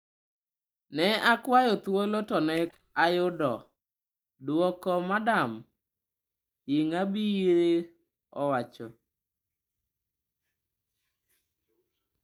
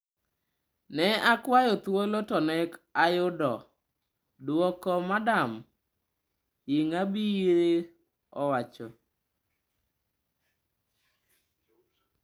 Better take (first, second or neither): second